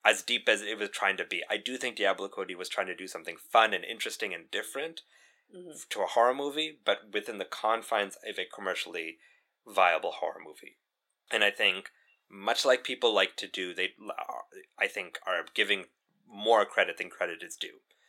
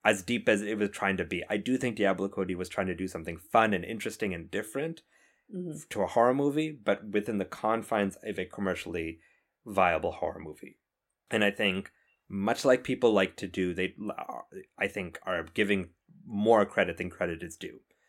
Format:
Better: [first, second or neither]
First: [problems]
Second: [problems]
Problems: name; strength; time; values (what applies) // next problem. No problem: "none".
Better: second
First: thin; somewhat; fading below 600 Hz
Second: none